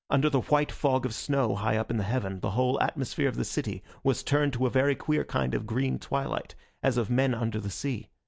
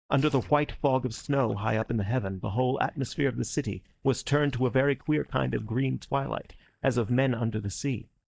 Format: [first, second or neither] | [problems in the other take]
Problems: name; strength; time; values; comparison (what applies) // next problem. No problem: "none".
first | noise reduction (neural mask model DeepFilterNet 3)